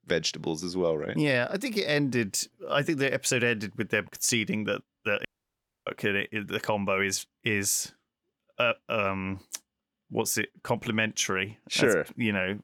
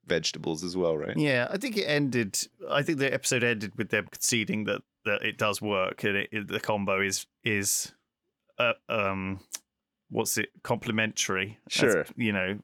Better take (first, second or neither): second